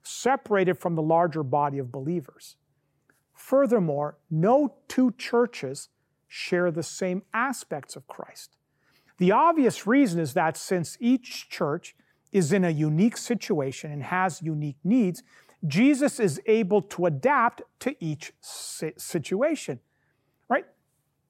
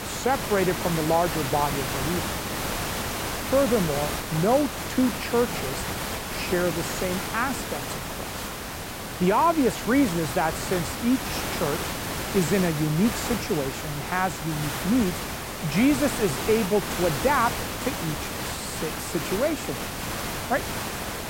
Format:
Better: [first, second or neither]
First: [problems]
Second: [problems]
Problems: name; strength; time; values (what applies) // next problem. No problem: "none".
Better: first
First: none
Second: hiss; loud; throughout; 4 dB below the speech